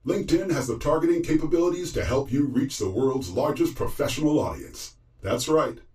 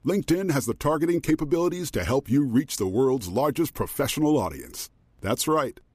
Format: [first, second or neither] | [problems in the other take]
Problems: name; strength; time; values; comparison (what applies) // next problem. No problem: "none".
second | room echo; slight; dies away in 0.2 s // off-mic speech; far